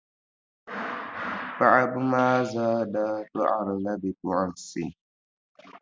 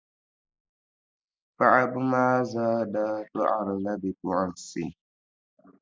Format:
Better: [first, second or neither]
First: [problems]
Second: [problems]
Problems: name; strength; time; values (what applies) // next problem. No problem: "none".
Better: first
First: none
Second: noise reduction (neural mask model Resemble Enhance denoiser)